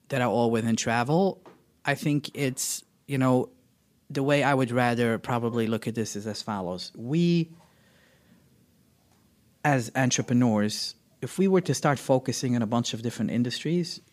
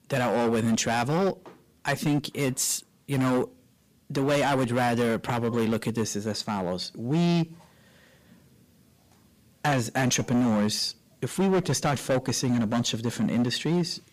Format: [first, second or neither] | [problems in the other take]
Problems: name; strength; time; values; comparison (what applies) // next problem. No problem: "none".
first | distortion; heavy; 11% of the sound clipped